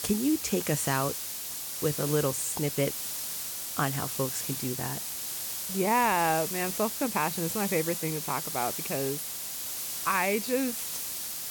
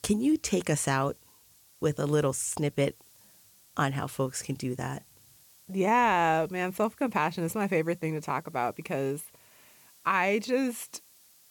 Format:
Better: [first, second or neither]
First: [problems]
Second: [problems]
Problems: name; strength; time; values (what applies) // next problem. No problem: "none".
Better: second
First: hiss; loud; throughout; 2 dB below the speech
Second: hiss; faint; throughout; 25 dB below the speech